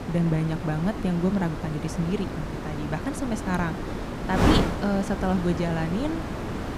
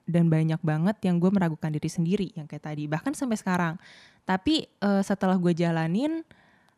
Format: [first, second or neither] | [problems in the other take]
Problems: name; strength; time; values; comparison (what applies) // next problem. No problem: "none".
second | wind noise on the microphone; heavy; 1 dB below the speech